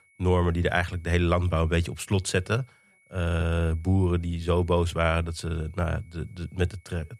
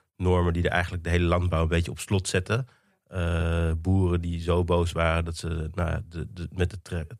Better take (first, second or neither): second